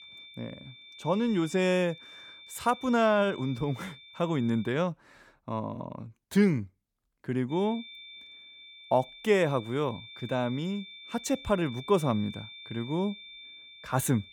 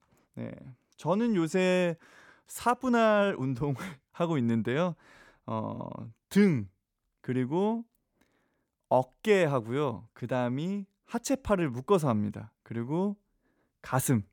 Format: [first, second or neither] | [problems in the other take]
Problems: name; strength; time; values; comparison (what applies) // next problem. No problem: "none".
second | high-pitched whine; noticeable; until 4.5 s and from 7.5 s on; 3.5 kHz, 15 dB below the speech